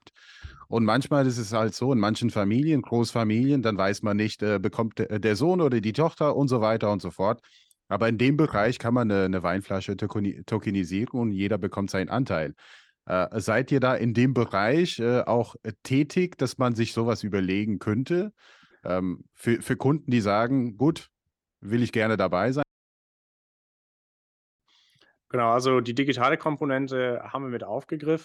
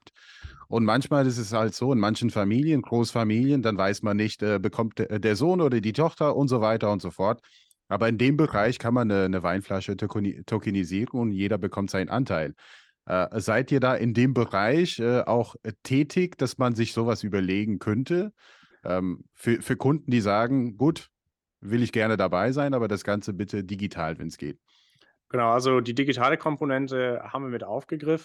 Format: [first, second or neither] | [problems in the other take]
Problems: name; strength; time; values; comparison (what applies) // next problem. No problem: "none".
second | audio cutting out; at 23 s for 2 s